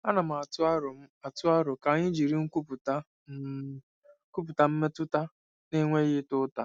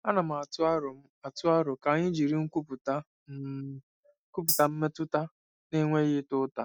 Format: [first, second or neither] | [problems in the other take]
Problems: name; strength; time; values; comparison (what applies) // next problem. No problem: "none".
first | noise reduction (neural mask model DeepFilterNet 3)